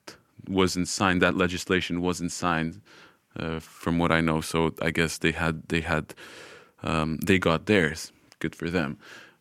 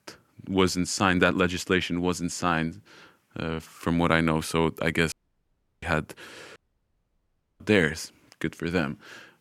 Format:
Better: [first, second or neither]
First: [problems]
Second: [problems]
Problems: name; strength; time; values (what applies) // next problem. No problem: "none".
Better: first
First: none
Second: audio cutting out; at 5 s for 0.5 s and at 6.5 s for 1 s